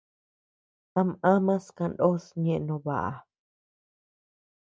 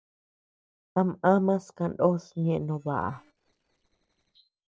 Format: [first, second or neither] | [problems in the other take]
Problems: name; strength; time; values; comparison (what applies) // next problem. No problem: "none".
first | noise reduction (neural separator model SepFormer DNS4)